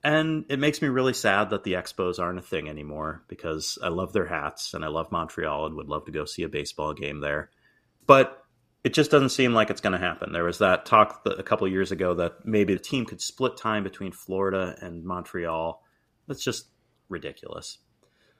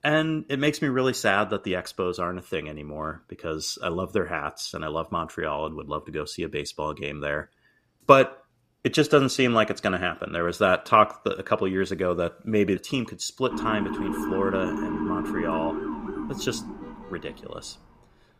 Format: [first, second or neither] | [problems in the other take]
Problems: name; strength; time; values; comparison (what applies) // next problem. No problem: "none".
first | siren; noticeable; from 14 to 17 s; peak 3 dB below the speech